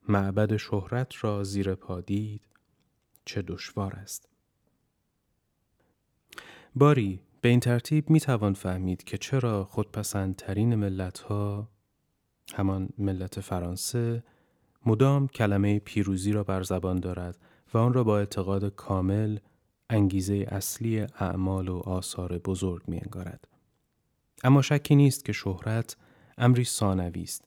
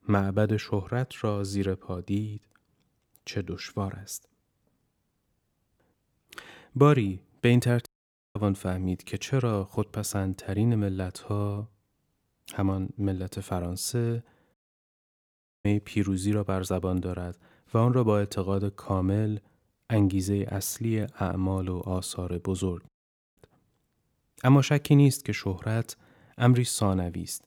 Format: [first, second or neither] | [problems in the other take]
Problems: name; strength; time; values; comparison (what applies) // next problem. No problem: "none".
first | audio cutting out; at 8 s, at 15 s for 1 s and at 23 s